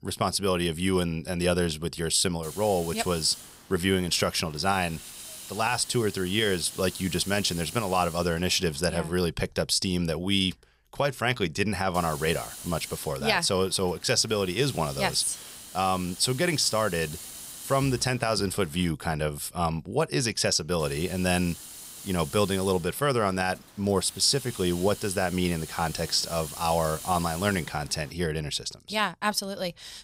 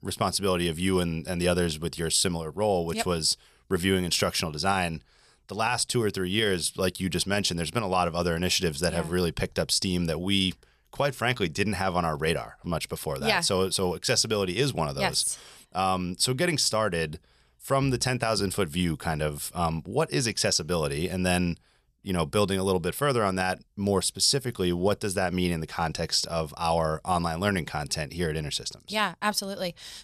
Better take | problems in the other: second | hiss; noticeable; from 2.5 to 9 s, from 12 to 19 s and from 21 to 28 s; 15 dB below the speech

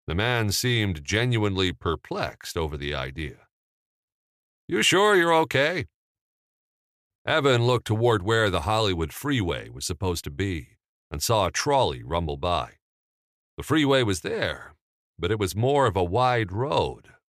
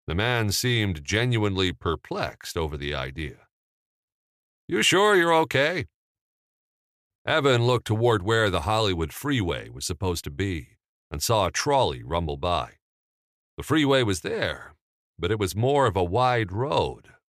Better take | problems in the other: neither | none

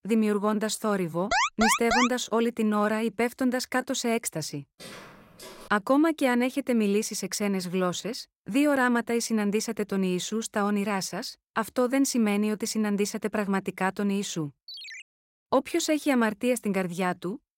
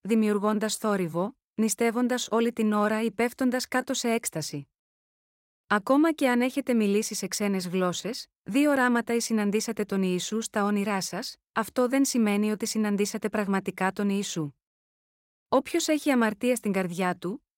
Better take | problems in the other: second | alarm; loud; at 1.5 s; peak 3 dB above the speech // footsteps; faint; at 5 s; peak 15 dB below the speech // phone ringing; faint; at 15 s; peak 10 dB below the speech

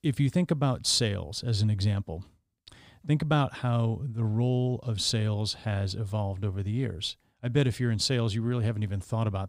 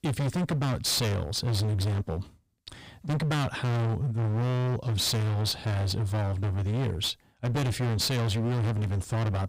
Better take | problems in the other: first | distortion; heavy; 36% of the sound clipped

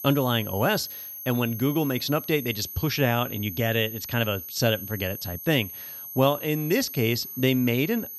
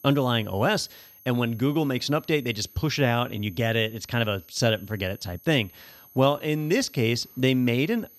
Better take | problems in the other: second | high-pitched whine; loud; throughout; 12 kHz, 9 dB below the speech; faint in the second

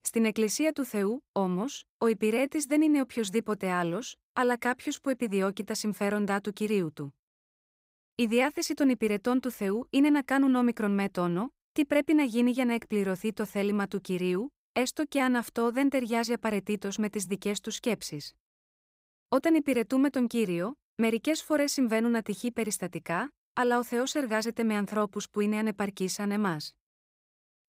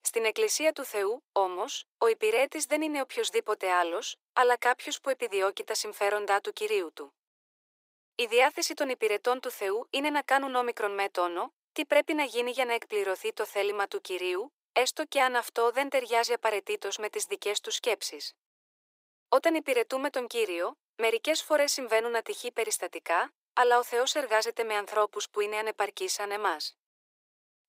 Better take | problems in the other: first | thin; very; fading below 400 Hz

